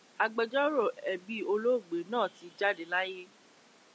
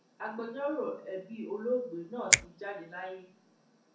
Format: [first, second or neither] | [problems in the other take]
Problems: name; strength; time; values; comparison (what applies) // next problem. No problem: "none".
first | background sound (Finger snapping); 4 dB above the speech // room echo; dies away in 0.6 s